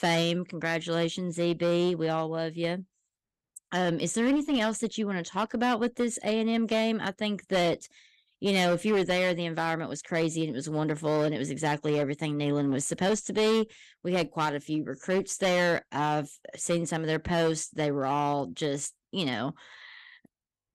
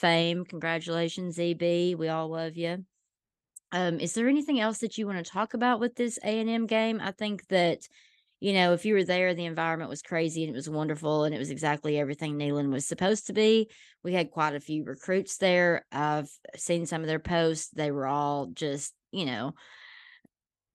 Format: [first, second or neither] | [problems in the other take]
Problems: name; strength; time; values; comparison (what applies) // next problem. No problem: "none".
second | distortion; slight; 9% of the sound clipped